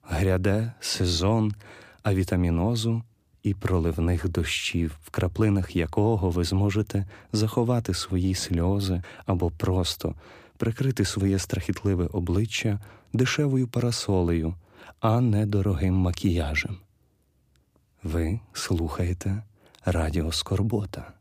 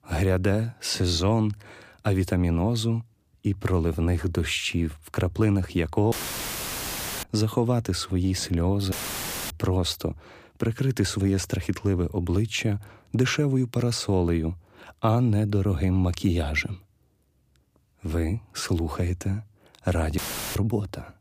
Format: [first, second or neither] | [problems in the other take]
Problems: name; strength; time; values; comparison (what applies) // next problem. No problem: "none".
first | audio cutting out; filled with static; at 6 s for 1 s, at 9 s for 0.5 s and at 20 s